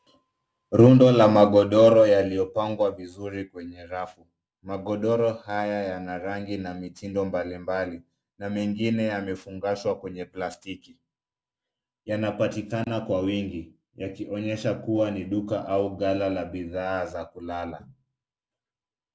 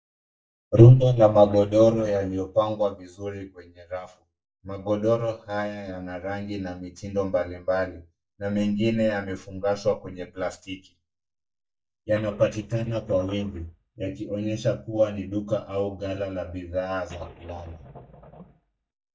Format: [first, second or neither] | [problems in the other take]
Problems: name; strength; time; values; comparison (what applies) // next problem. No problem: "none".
first | noise reduction (neural mask model DeepFilterNet 3)